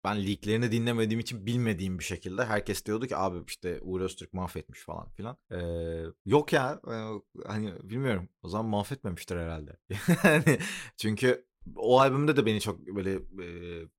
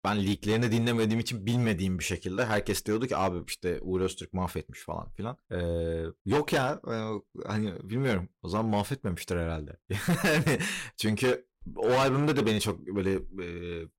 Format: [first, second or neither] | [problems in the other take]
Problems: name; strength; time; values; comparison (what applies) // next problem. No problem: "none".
first | distortion; heavy; 7% of the sound clipped